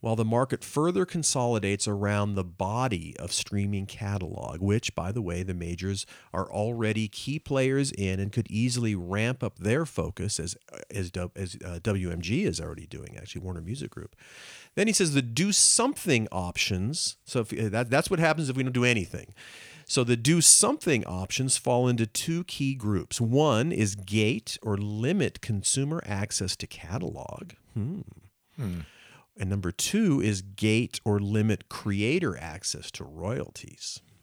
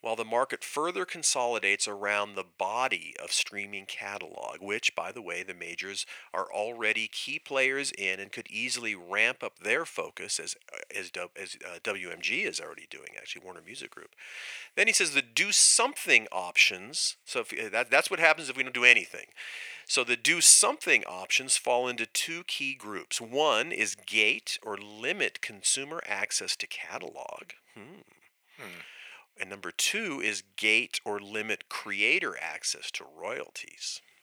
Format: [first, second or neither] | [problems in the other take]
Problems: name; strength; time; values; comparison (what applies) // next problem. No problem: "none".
first | thin; very; fading below 600 Hz